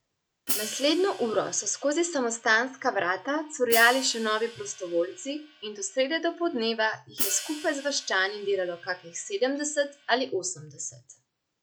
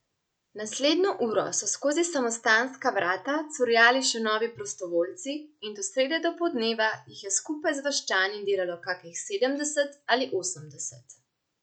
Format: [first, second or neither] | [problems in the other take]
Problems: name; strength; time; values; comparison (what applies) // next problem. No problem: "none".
second | background sound (Hi-hat); 11 dB below the speech